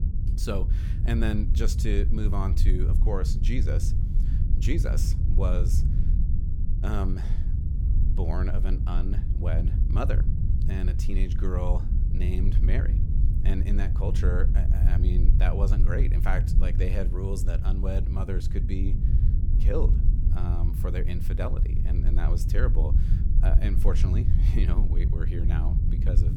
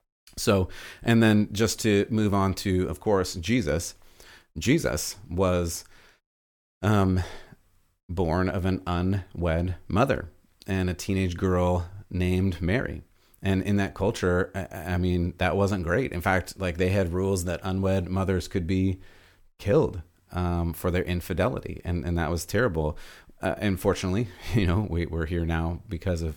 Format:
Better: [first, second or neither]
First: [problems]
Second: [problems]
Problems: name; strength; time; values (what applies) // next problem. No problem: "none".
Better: second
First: low rumble; loud; throughout; 5 dB below the speech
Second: none